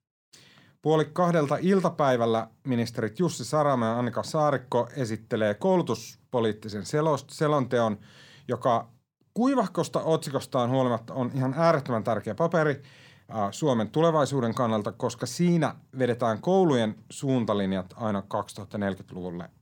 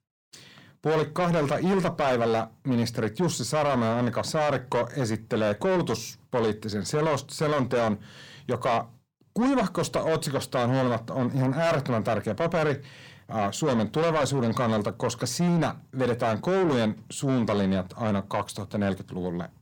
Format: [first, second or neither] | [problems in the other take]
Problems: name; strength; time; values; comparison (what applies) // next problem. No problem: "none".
first | distortion; heavy; 7 dB below the speech